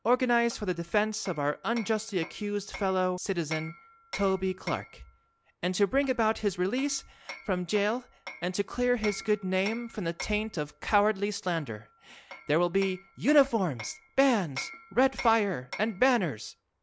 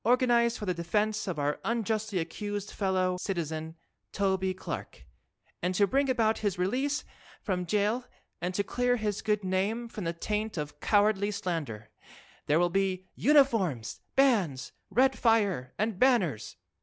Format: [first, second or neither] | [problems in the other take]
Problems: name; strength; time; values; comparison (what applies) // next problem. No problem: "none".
second | background sound (Hammer); 17 dB below the speech